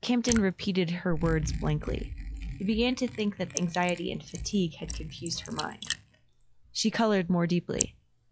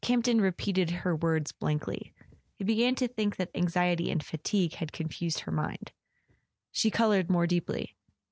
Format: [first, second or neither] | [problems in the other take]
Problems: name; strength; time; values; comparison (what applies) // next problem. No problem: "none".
second | noise reduction (classical method log-MMSE)